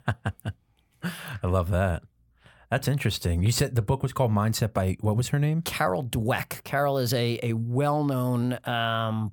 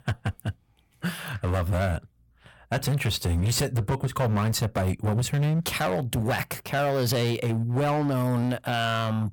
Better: first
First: none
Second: distortion; slight; 16% of the sound clipped

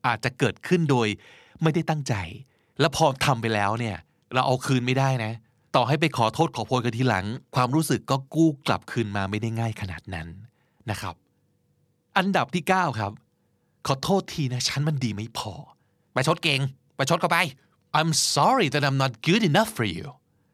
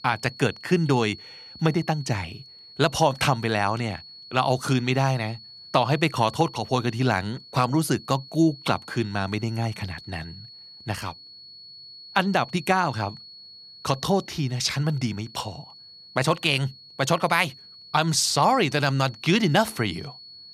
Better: first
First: none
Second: high-pitched whine; noticeable; throughout; 4.5 kHz, 20 dB below the speech

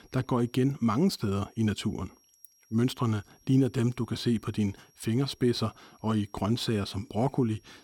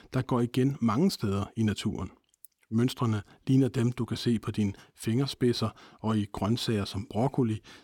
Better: second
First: high-pitched whine; faint; throughout; 5.5 kHz, 35 dB below the speech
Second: none

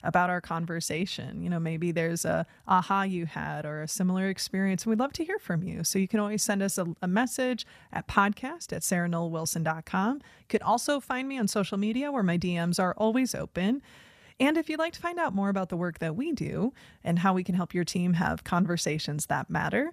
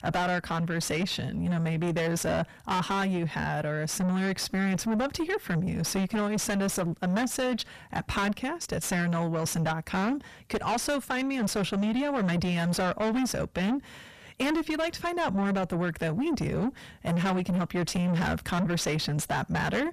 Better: first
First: none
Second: distortion; heavy; 5 dB below the speech

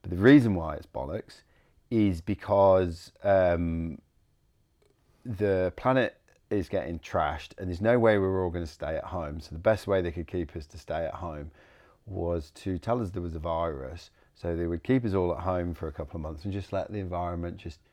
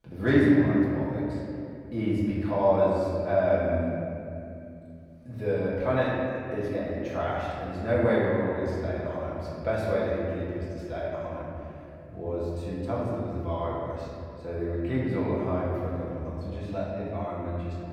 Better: first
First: none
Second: room echo; strong; dies away in 2.6 s // off-mic speech; far

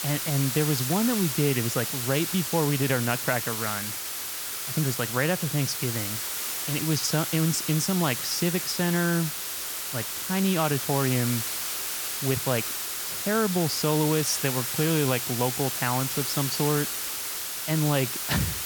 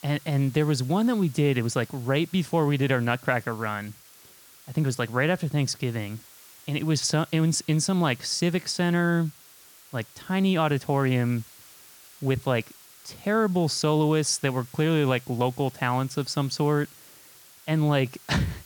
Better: second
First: hiss; loud; throughout; 2 dB below the speech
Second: hiss; faint; throughout; 20 dB below the speech

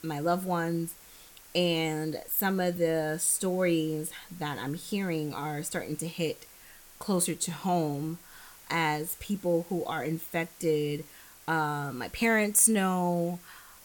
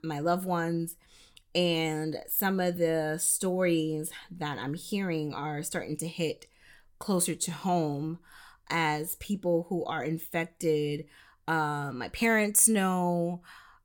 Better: second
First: hiss; faint; throughout; 20 dB below the speech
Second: none

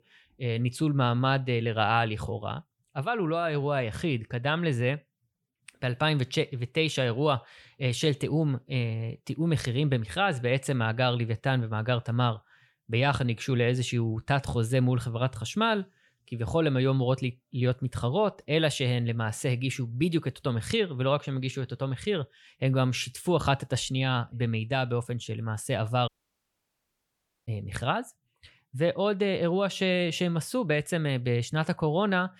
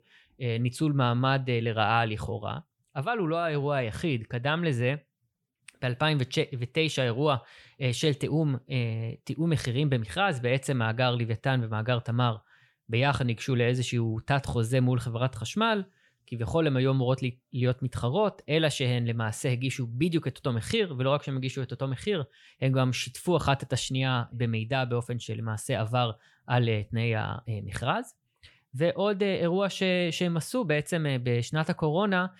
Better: second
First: audio cutting out; at 26 s for 1.5 s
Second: none

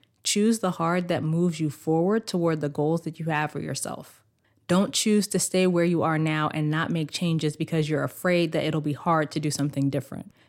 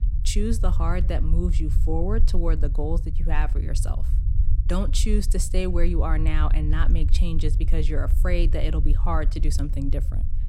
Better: first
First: none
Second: low rumble; noticeable; throughout; 10 dB below the speech

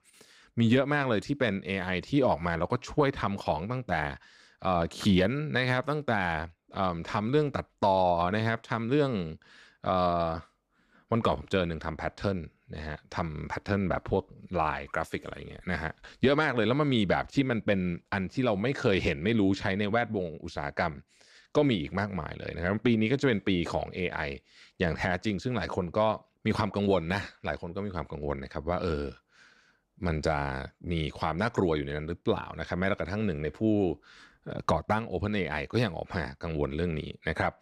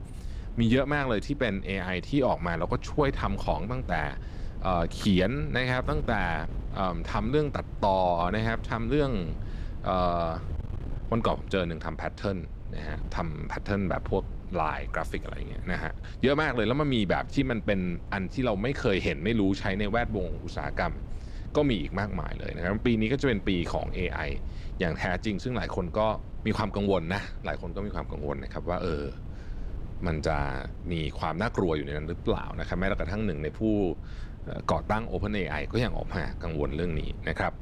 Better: first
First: none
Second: wind noise on the microphone; occasional gusts; 20 dB below the speech

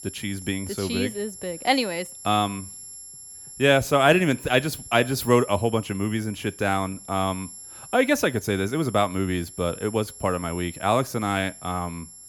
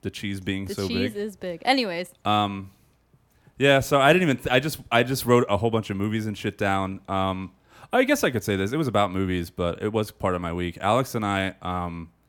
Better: second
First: high-pitched whine; noticeable; throughout; 11 kHz, 15 dB below the speech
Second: none

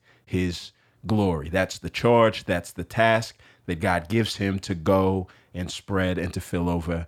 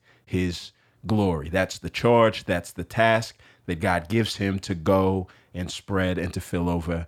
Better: neither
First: none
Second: none

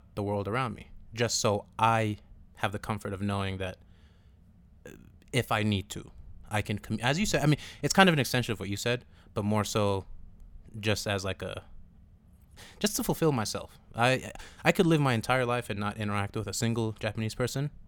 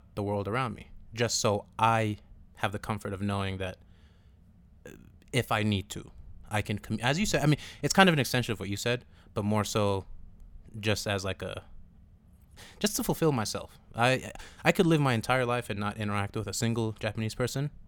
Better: neither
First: none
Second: none

